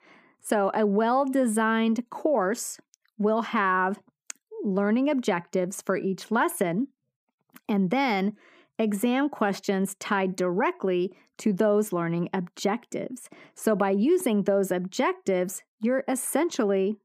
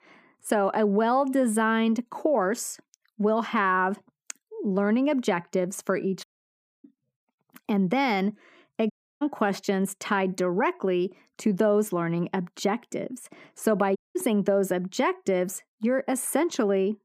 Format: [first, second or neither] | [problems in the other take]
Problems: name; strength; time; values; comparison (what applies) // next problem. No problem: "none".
first | audio cutting out; at 6 s for 0.5 s, at 9 s and at 14 s